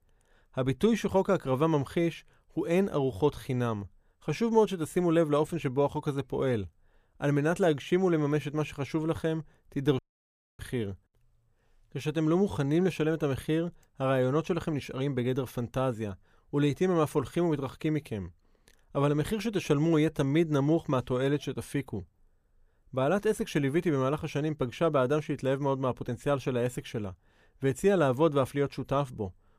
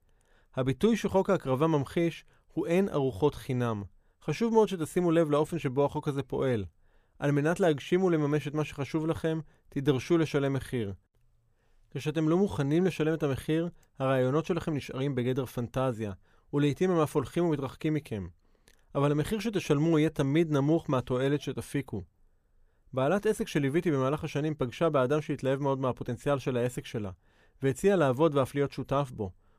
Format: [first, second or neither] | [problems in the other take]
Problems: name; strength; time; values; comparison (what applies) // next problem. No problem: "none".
second | audio cutting out; at 10 s for 0.5 s